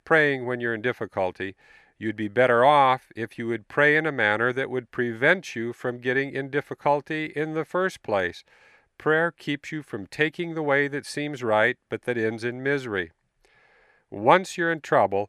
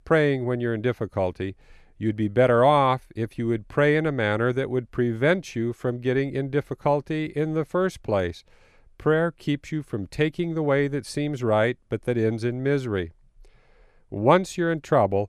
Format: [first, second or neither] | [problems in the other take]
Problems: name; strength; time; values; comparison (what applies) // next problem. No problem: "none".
second | thin; very slightly; fading below 550 Hz